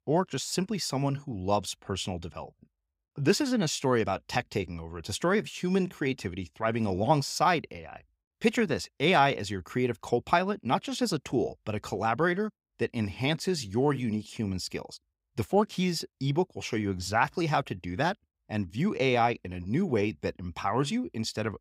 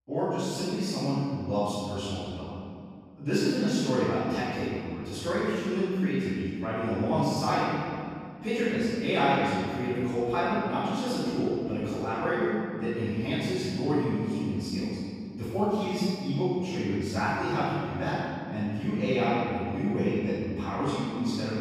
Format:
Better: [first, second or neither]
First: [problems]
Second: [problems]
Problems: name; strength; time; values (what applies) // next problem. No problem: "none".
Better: first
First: none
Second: room echo; strong; dies away in 2.3 s // off-mic speech; far